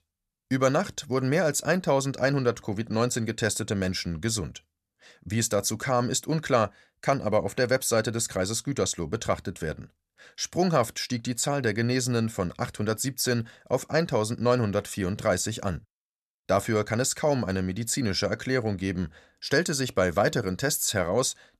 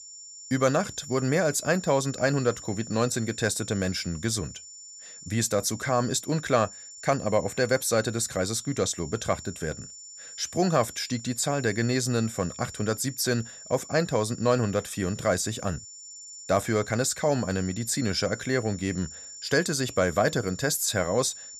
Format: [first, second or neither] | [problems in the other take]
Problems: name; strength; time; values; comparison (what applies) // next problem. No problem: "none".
first | high-pitched whine; noticeable; throughout; 7 kHz, 15 dB below the speech